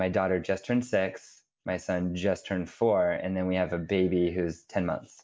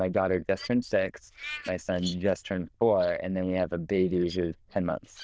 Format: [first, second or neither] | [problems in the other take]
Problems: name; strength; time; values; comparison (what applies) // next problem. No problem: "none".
first | noise reduction (neural diffusion model UNIVERSE++)